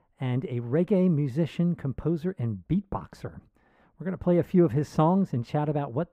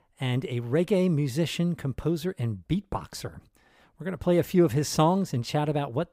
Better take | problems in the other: second | muffled; very; fading above 2.5 kHz

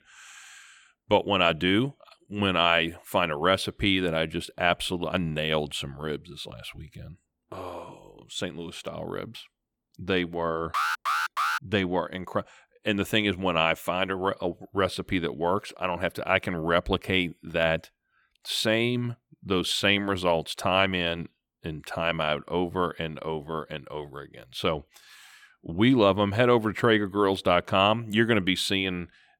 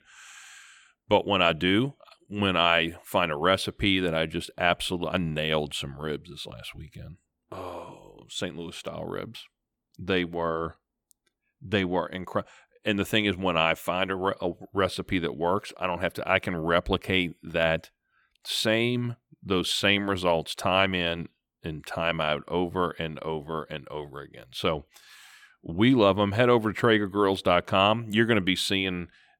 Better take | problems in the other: second | alarm; loud; at 11 s; peak level with the speech

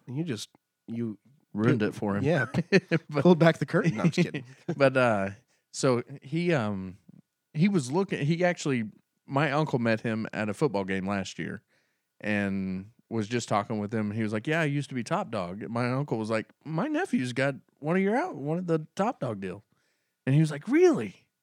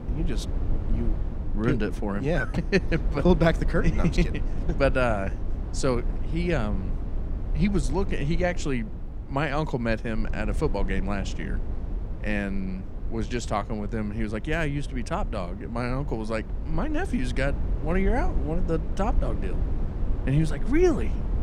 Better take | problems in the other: first | low rumble; noticeable; throughout; 15 dB below the speech

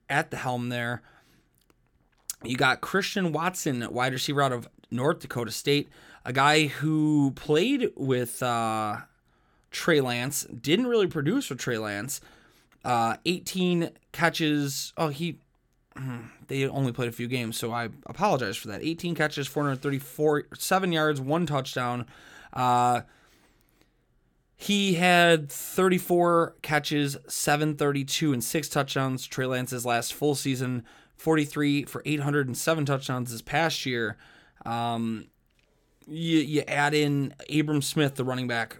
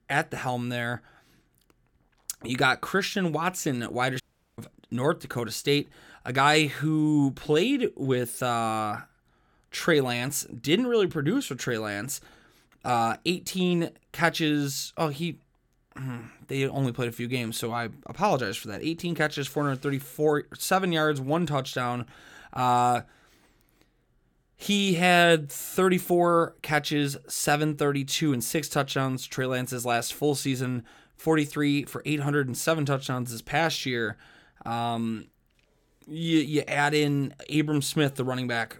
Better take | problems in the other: first | audio cutting out; at 4 s

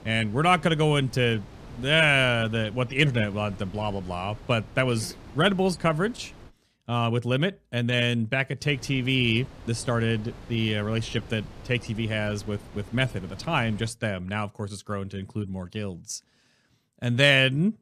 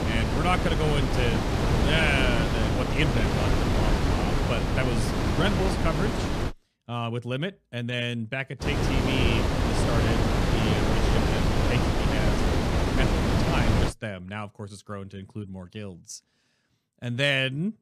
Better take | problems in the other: first | wind noise on the microphone; heavy; until 6.5 s and from 8.5 to 14 s; 1 dB above the speech; occasional gusts in the first

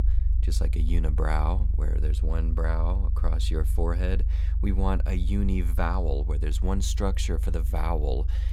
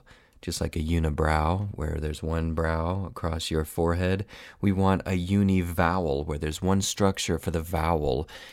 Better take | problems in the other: second | low rumble; noticeable; throughout; 15 dB below the speech

